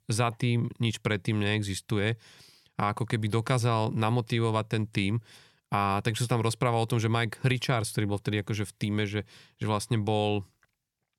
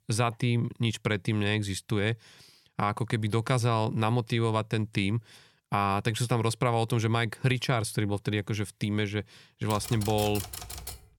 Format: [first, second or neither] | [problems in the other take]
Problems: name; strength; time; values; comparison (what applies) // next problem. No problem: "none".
first | keyboard typing; noticeable; from 9.5 s on; peak 8 dB below the speech